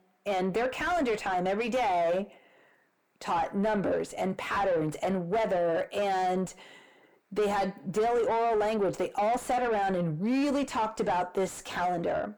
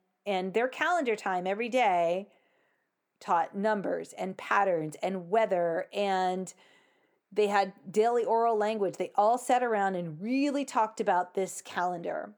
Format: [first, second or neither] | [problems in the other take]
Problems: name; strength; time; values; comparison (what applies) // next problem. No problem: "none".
second | distortion; heavy; 7 dB below the speech